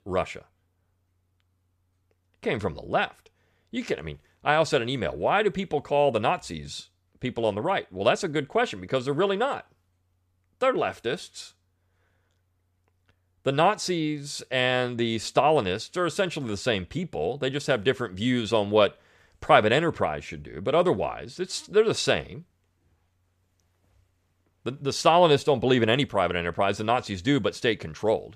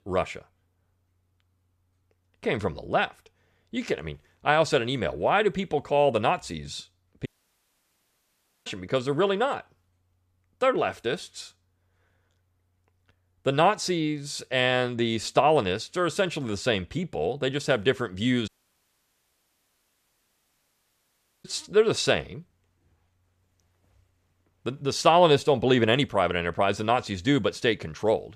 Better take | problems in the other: first | audio cutting out; at 7.5 s for 1.5 s and at 18 s for 3 s

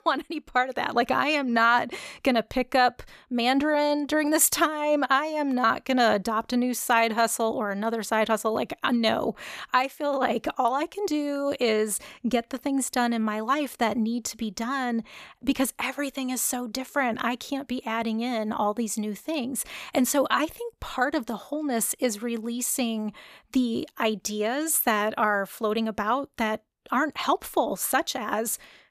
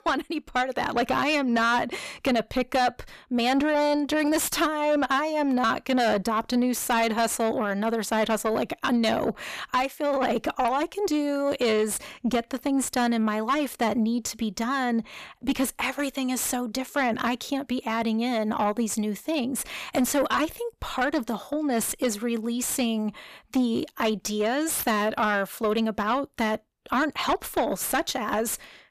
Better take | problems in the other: first | distortion; slight; 9 dB below the speech

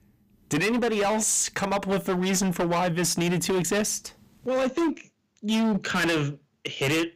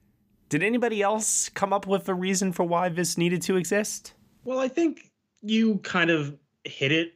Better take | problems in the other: second | distortion; heavy; 22% of the sound clipped

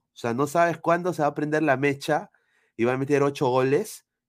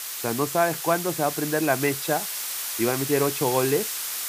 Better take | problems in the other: first | hiss; loud; throughout; 4 dB below the speech

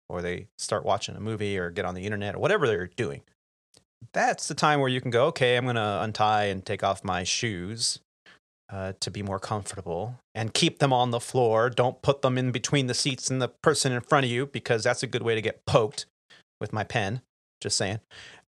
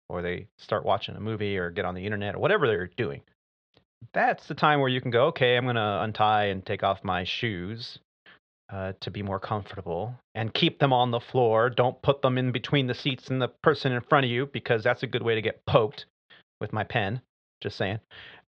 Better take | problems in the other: first | muffled; very; fading above 3.5 kHz

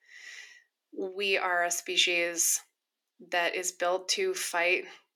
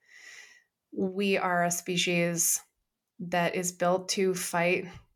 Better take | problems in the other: second | thin; very; fading below 250 Hz

